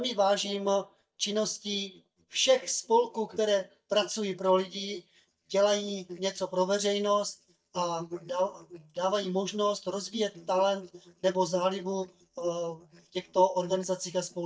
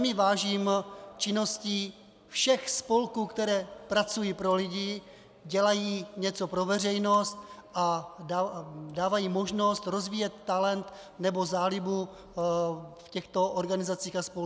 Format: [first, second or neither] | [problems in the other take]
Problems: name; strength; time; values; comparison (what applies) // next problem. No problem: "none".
second | noise reduction (neural mask model DeepFilterNet 3)